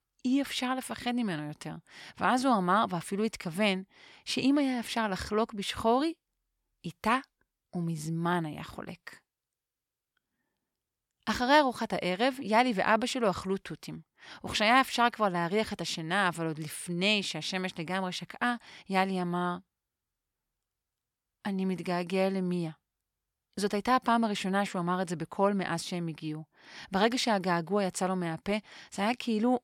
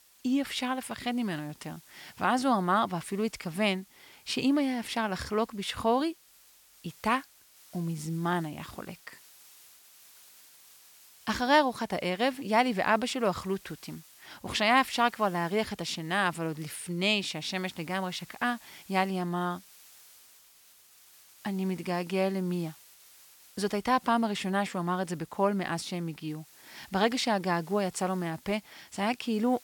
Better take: first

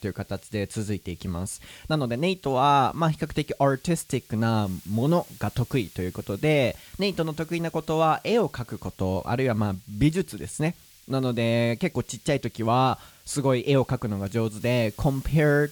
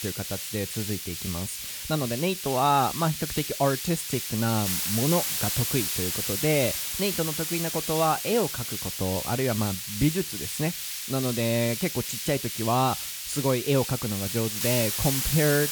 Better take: first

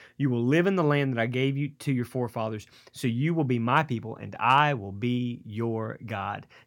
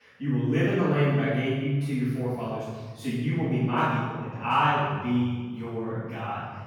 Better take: first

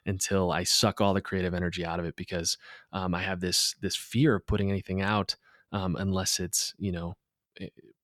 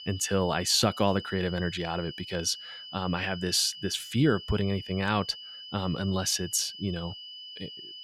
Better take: first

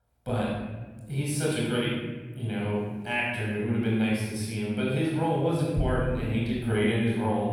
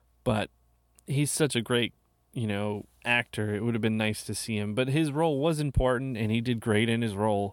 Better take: second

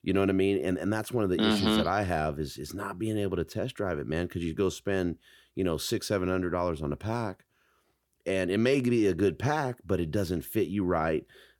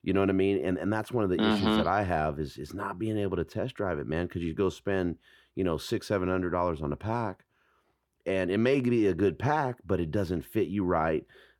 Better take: first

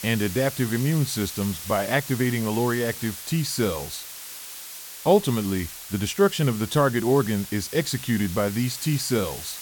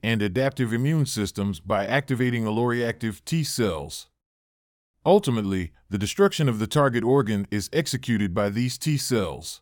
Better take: second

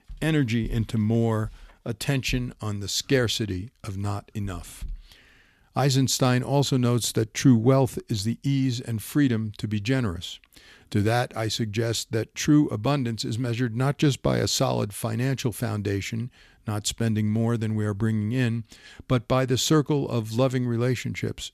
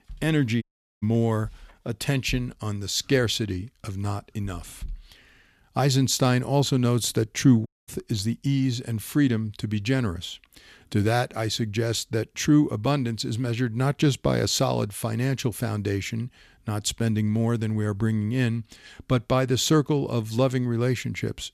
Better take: first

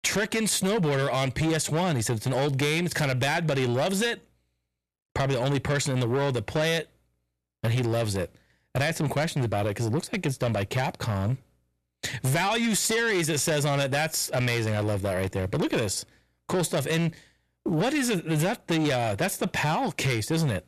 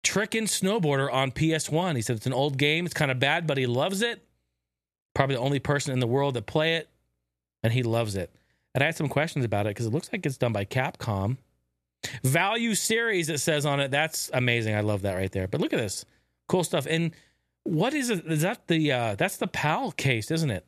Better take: second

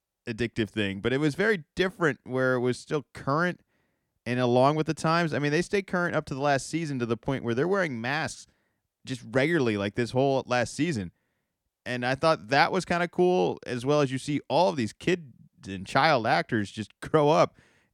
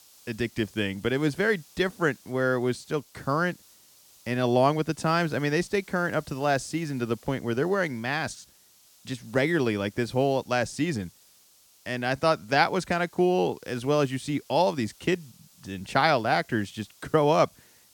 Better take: first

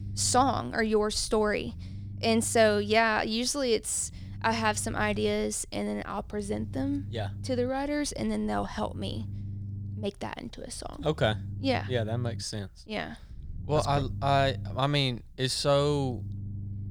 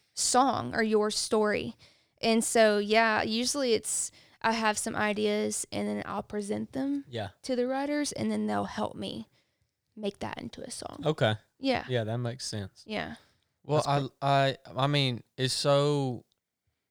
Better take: second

